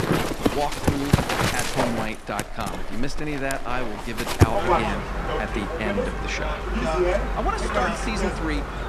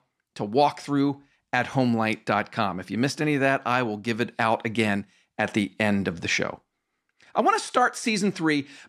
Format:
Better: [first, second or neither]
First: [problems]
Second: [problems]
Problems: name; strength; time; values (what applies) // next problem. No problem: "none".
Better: second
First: animal sounds; very loud; throughout; 4 dB above the speech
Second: none